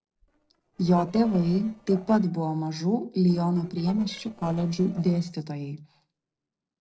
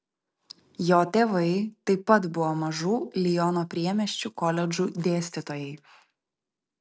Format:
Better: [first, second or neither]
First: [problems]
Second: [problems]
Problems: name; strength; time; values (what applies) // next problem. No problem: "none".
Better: second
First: noise reduction (neural separator model SepFormer DNS4)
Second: none